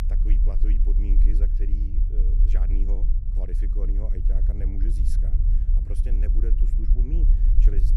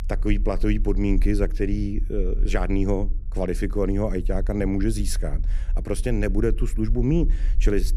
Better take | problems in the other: second | low rumble; loud; throughout; 2 dB below the speech; faint in the second

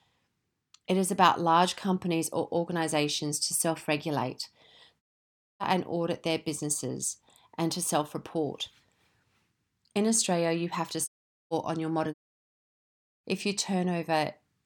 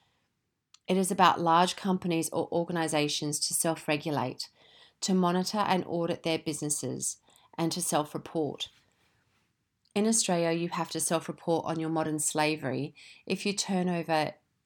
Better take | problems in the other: second | audio cutting out; at 5 s for 0.5 s, at 11 s and at 12 s for 1 s

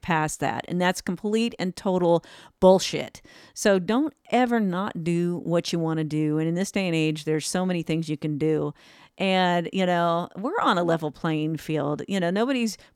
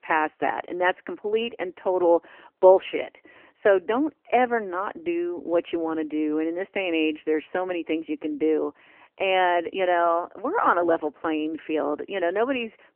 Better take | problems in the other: first | phone-call audio; nothing above 3 kHz

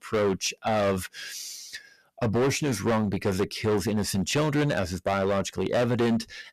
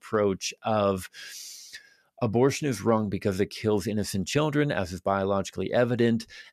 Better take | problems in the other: second | distortion; heavy; 13% of the sound clipped

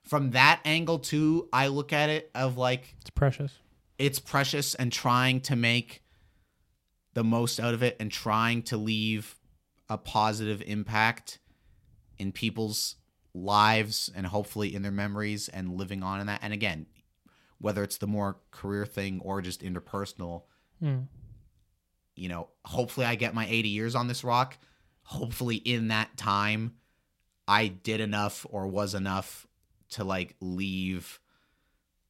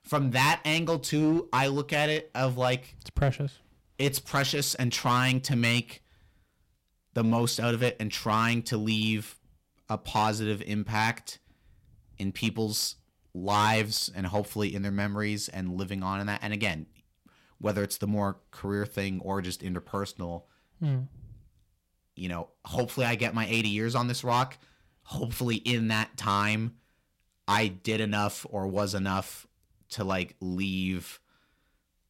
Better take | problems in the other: first | distortion; slight; 3% of the sound clipped

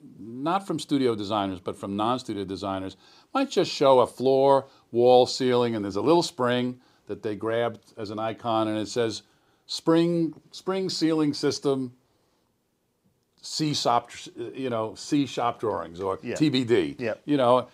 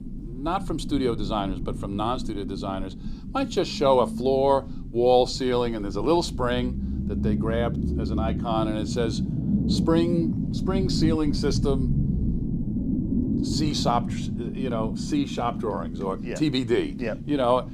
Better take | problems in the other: first | low rumble; noticeable; throughout; 10 dB below the speech

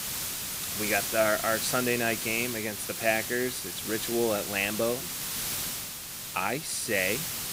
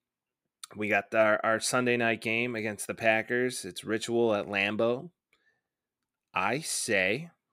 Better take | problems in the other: second | hiss; loud; throughout; 3 dB below the speech

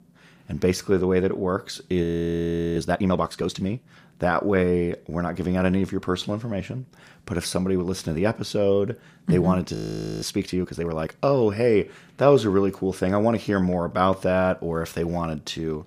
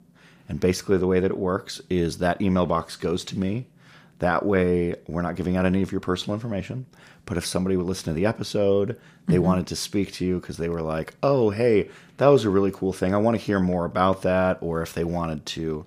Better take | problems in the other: second | audio freezing; at 2 s for 0.5 s and at 10 s

